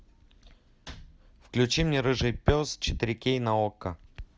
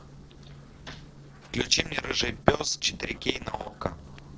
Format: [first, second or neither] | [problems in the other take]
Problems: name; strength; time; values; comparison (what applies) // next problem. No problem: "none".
first | noise reduction (neural separator model SepFormer DNS4)